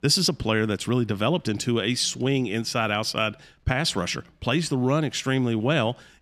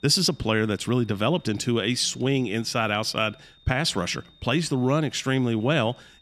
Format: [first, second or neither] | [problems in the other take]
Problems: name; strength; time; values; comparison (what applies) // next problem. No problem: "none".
first | high-pitched whine; faint; throughout; 3.5 kHz, 30 dB below the speech